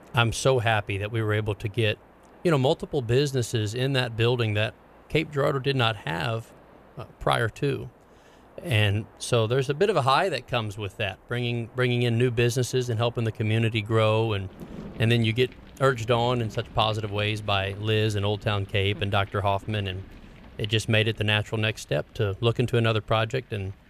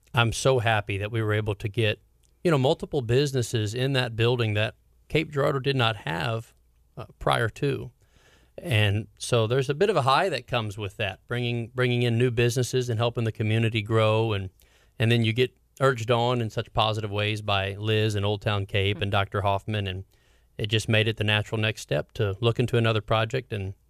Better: second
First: rain or running water; faint; throughout; 25 dB below the speech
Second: none

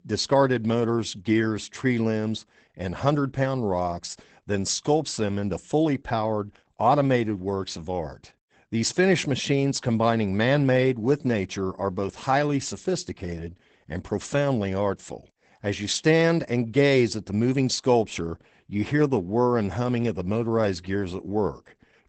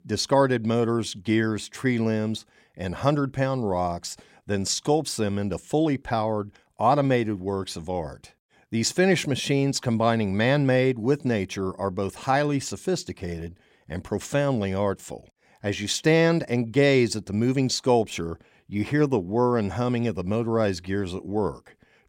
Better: second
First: garbled, watery; badly; nothing above 8 kHz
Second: none

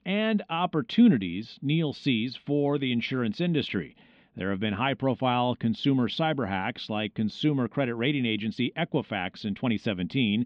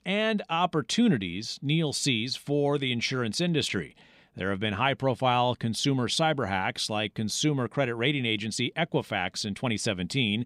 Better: second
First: muffled; slightly; fading above 3.5 kHz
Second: none

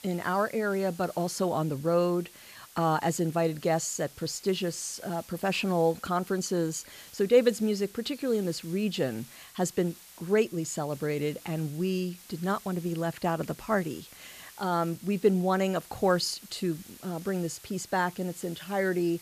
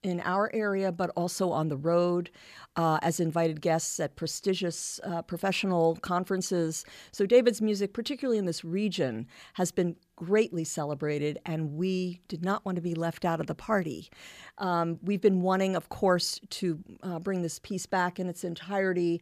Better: second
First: hiss; noticeable; throughout; 20 dB below the speech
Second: none

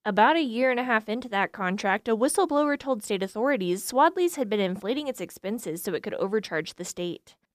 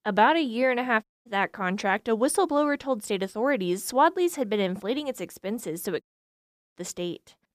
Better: first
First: none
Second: audio cutting out; at 1 s and at 6 s for 0.5 s

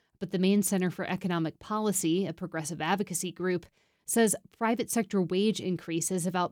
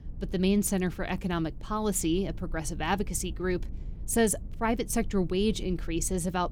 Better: first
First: none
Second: low rumble; faint; throughout; 25 dB below the speech

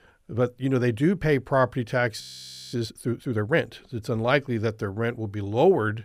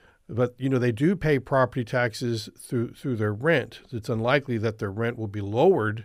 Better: second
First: audio freezing; at 2 s for 0.5 s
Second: none

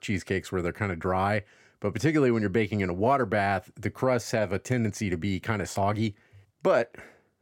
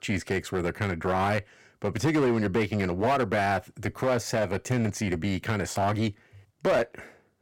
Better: first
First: none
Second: distortion; slight; 9% of the sound clipped

